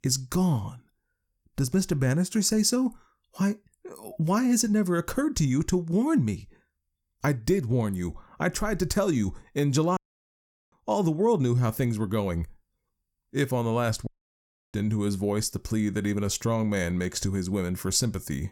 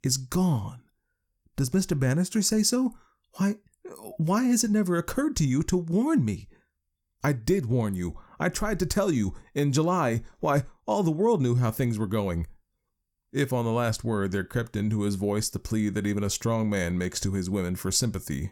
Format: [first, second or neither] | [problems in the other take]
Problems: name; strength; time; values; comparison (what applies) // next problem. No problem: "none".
second | audio cutting out; at 10 s for 1 s and at 14 s for 0.5 s